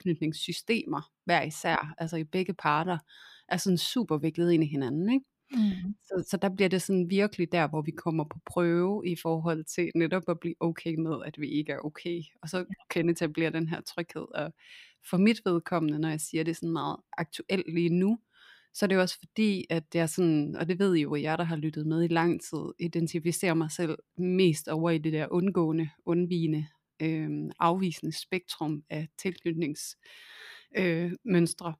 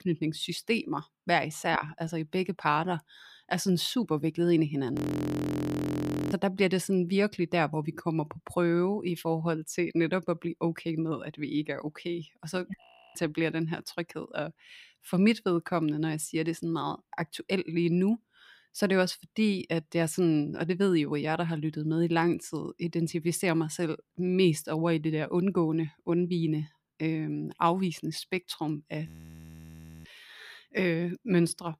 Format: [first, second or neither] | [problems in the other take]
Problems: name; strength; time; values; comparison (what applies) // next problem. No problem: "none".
first | audio freezing; at 5 s for 1.5 s, at 13 s and at 29 s for 1 s